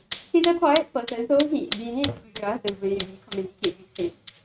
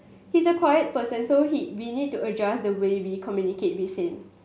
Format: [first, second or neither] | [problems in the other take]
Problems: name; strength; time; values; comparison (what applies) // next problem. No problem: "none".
second | noise reduction (neural mask model RNNoise)